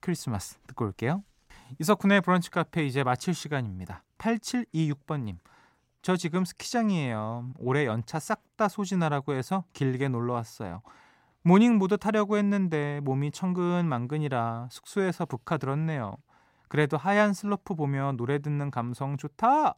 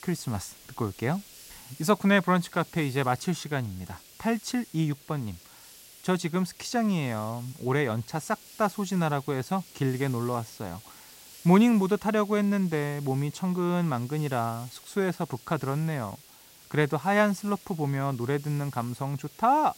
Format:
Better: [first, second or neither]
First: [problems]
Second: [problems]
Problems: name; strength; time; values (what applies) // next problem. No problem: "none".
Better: first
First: none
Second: hiss; noticeable; throughout; 20 dB below the speech